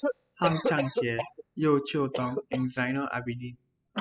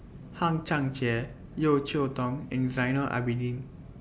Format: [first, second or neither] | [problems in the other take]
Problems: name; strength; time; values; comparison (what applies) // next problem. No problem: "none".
second | noise reduction (classical method spectral subtraction)